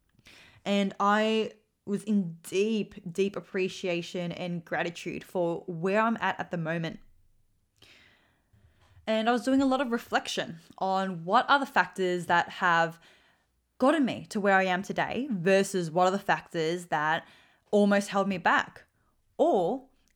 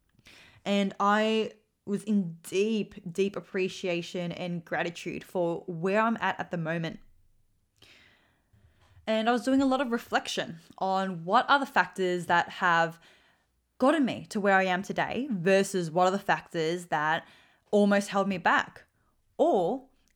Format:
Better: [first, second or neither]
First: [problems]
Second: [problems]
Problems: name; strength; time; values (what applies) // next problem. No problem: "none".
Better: neither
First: none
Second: none